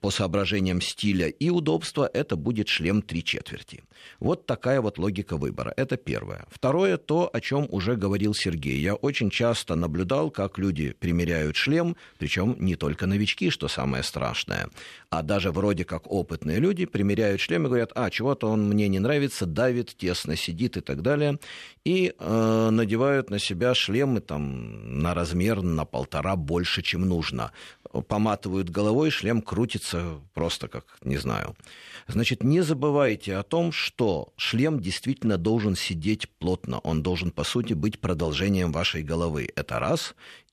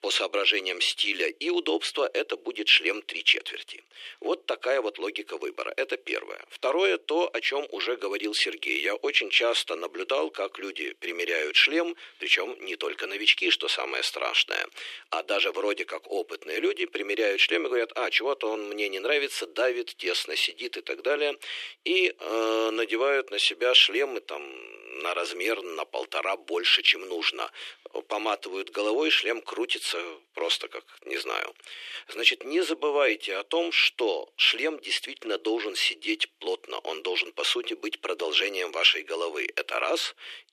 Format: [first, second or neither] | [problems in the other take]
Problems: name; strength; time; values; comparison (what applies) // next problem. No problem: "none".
first | thin; very; fading below 350 Hz